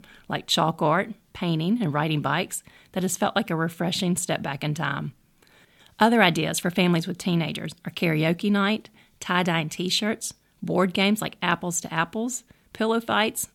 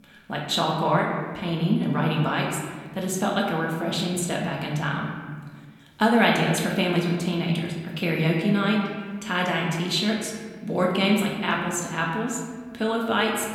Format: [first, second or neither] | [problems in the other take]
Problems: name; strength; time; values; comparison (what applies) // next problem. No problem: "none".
first | room echo; noticeable; dies away in 1.4 s // off-mic speech; somewhat distant